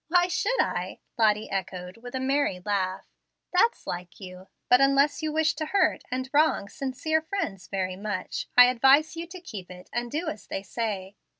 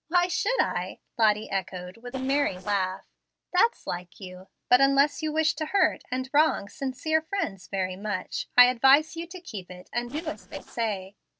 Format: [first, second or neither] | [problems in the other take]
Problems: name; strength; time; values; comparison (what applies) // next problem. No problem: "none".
first | noise reduction (neural separator model SepFormer DNS4)